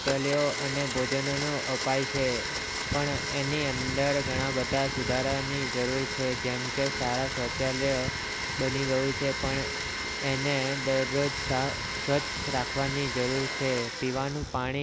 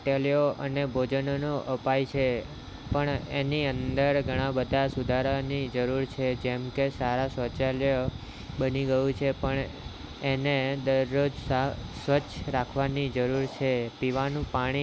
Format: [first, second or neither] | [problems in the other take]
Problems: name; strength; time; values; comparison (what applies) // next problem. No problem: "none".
second | background sound (Domestic sounds, home sounds); 3 dB below the speech